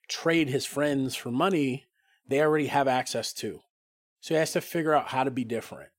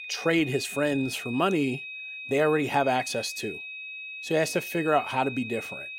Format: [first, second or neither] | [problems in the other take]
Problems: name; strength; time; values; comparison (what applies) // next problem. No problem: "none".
first | high-pitched whine; loud; throughout; 2.5 kHz, 9 dB below the speech